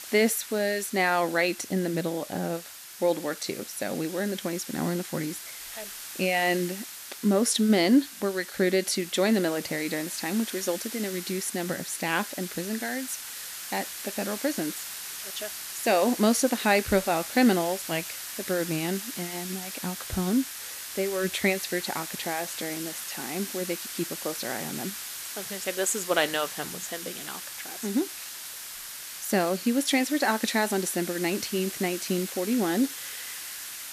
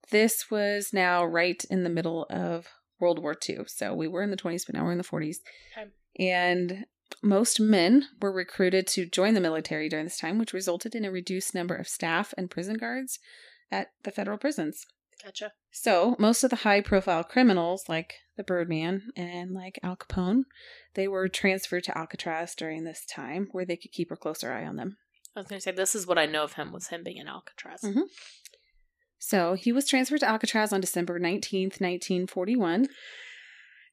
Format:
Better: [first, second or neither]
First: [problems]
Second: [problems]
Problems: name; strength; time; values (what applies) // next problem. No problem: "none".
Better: second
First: hiss; loud; throughout; 8 dB below the speech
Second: none